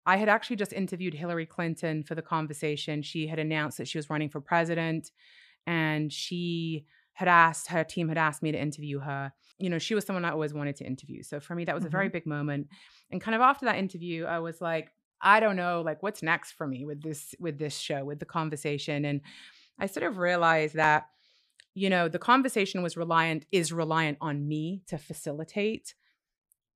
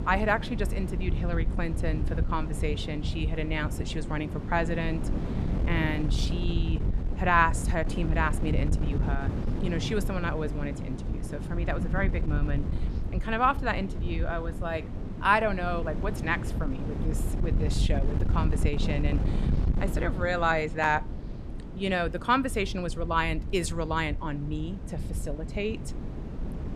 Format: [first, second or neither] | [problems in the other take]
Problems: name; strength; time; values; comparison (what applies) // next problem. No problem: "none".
first | wind noise on the microphone; occasional gusts; 15 dB below the speech